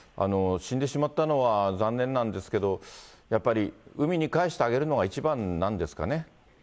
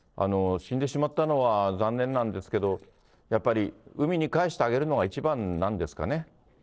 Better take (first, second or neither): first